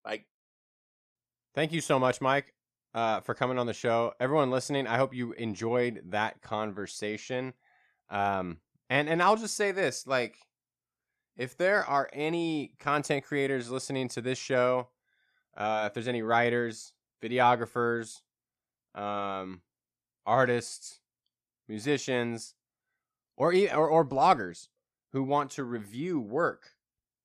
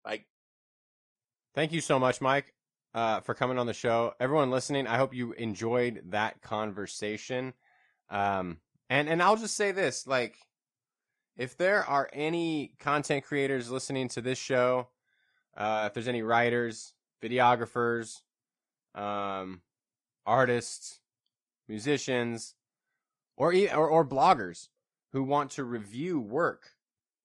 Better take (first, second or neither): first